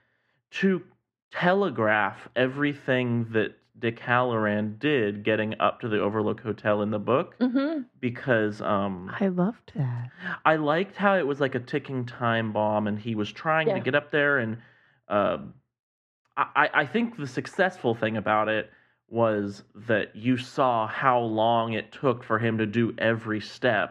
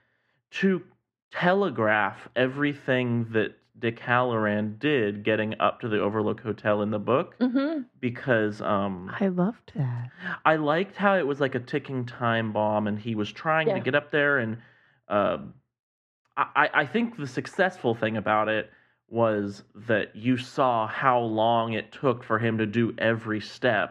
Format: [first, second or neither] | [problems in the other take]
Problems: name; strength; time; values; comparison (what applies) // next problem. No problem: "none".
neither | muffled; very; fading above 1.5 kHz; the same in both